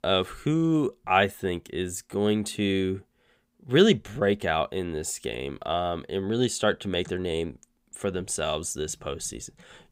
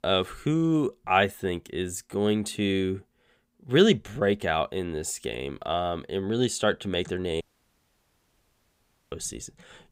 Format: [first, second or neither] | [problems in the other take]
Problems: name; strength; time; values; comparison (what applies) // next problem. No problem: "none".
first | audio cutting out; at 7.5 s for 1.5 s